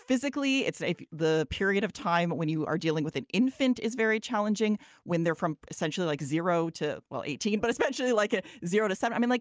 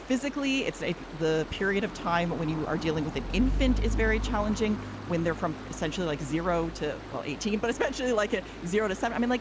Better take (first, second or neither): first